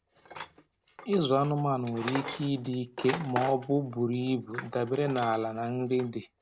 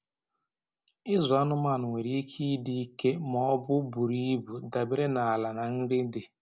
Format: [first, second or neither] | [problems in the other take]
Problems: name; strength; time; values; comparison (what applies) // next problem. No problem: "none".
second | background sound (Tools); 12 dB below the speech